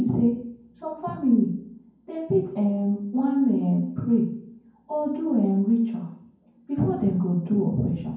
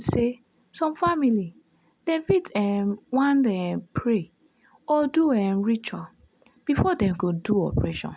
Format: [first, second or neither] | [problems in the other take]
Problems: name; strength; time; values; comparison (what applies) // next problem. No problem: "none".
second | room echo; dies away in 0.9 s